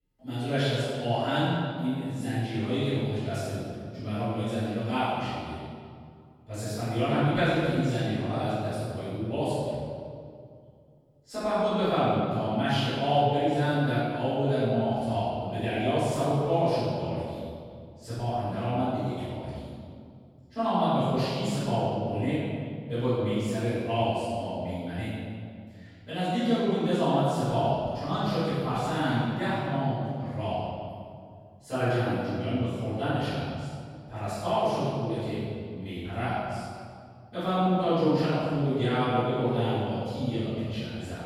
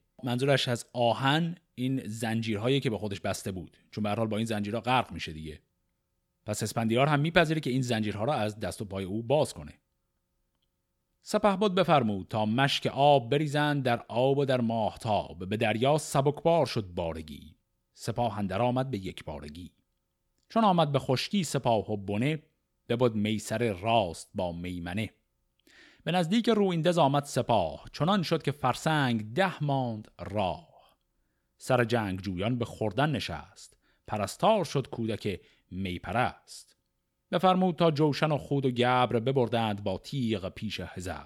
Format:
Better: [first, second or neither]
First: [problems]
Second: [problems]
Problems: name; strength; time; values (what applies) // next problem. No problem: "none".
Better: second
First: off-mic speech; far // room echo; strong; dies away in 2 s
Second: none